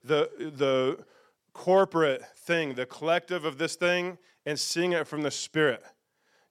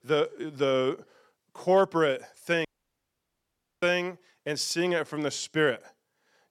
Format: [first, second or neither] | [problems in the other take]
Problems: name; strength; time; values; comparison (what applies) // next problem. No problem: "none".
first | audio cutting out; at 2.5 s for 1 s